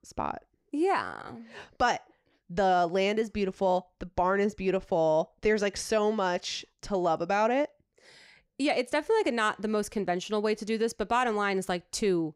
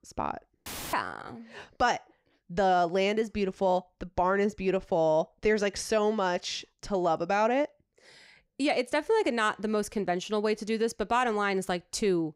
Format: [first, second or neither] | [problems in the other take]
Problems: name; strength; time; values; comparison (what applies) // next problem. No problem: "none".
first | audio cutting out; filled with static; at 0.5 s